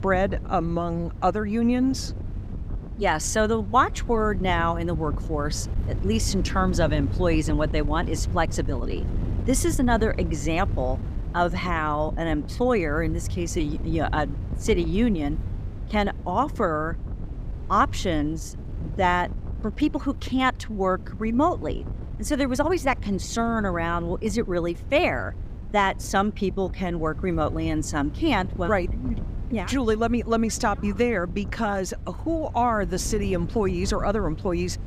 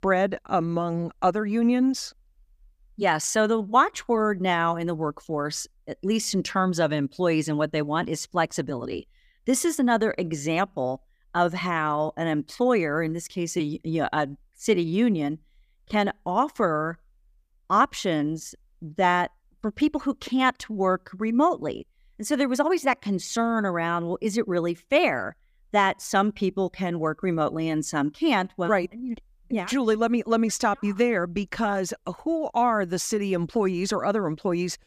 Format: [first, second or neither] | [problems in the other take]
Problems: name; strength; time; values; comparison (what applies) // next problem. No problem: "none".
second | wind noise on the microphone; occasional gusts; 20 dB below the speech